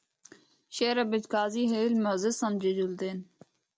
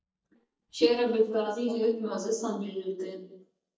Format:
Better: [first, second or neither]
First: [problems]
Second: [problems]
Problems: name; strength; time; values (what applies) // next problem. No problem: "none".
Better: first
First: none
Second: noise reduction (neural mask model DeepFilterNet 3)